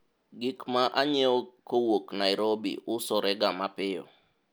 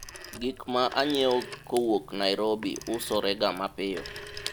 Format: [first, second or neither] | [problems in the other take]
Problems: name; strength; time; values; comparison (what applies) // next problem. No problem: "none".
first | background sound (Fire / Rain + Telephone); 14 dB below the speech